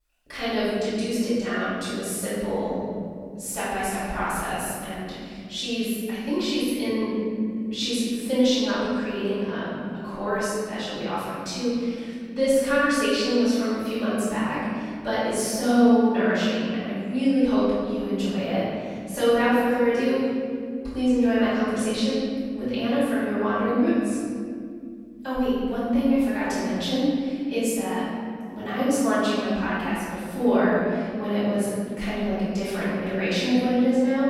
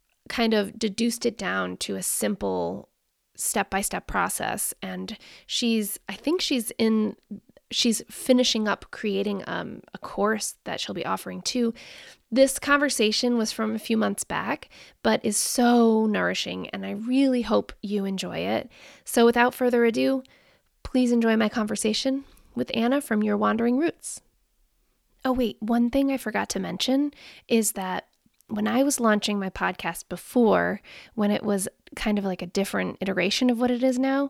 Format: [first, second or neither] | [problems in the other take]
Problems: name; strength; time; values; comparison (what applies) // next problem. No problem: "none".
second | off-mic speech; far // room echo; strong; dies away in 2.6 s